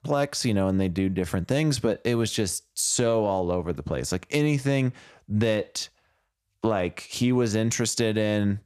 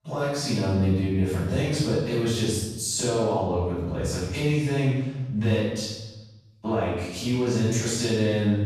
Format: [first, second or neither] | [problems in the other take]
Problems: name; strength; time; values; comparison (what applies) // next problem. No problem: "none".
first | off-mic speech; far // room echo; strong; dies away in 1 s